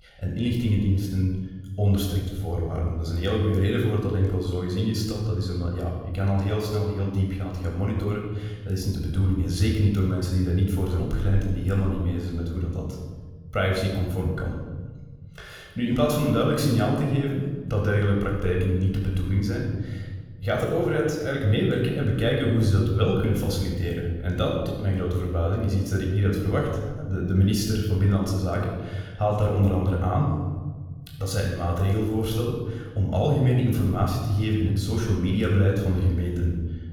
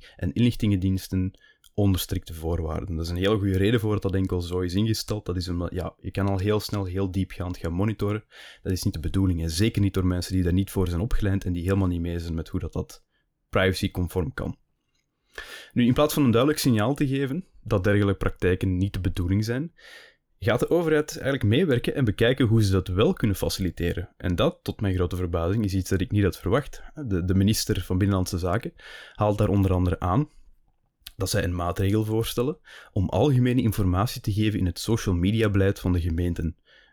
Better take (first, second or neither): second